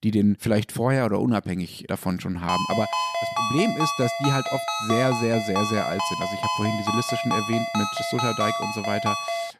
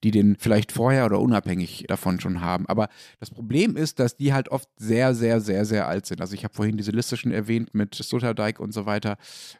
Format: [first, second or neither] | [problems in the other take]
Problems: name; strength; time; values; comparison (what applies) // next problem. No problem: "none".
second | phone ringing; loud; from 2.5 s on; peak 1 dB above the speech